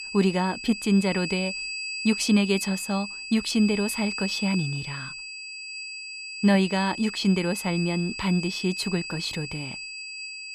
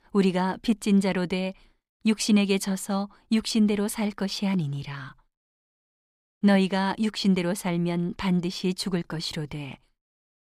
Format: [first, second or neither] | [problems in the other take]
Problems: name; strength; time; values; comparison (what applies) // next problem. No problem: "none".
second | high-pitched whine; loud; throughout; 2.5 kHz, 7 dB below the speech